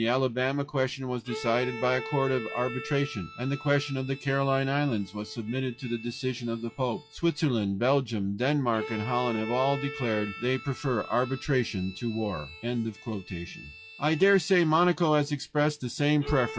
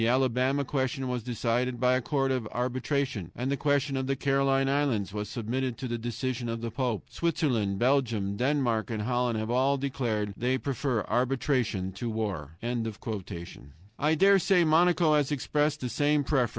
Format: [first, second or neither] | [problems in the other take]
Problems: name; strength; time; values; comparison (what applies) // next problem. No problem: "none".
second | noise reduction (classical method WPE with log-MMSE)